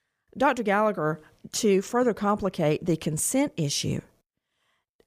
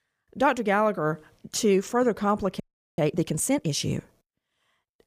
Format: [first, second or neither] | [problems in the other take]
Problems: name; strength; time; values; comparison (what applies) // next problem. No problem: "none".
first | audio freezing; at 2.5 s